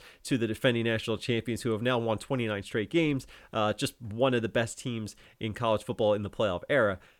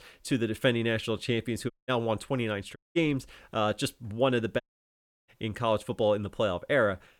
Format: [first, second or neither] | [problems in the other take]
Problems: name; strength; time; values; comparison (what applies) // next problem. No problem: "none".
first | audio cutting out; at 1.5 s, at 3 s and at 4.5 s for 0.5 s